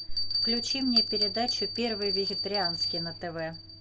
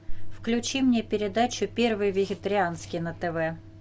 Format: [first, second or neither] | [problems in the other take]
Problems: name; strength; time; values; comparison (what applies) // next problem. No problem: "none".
second | background sound (Bell); 1 dB above the speech